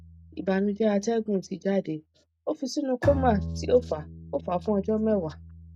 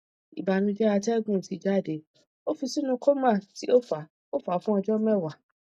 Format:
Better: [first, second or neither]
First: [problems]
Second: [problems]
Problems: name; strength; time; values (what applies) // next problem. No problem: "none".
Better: second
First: background sound (Bowed string instrument); 10 dB below the speech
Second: none